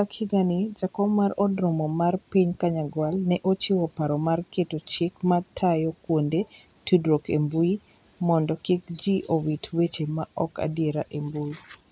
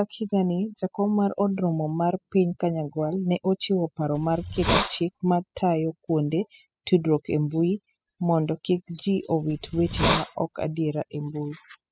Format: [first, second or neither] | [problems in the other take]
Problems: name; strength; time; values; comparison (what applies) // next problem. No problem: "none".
first | noise reduction (classical method spectral subtraction)